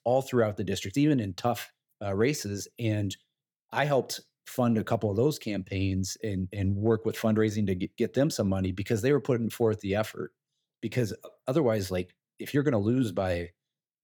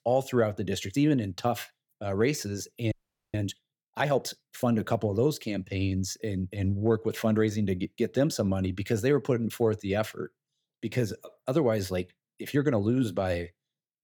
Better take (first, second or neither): first